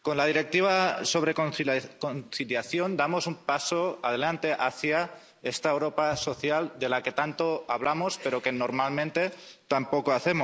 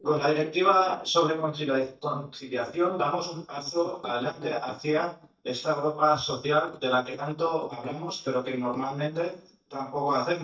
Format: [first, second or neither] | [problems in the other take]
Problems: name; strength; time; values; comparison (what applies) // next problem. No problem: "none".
first | noise reduction (neural mask model DeepFilterNet 3)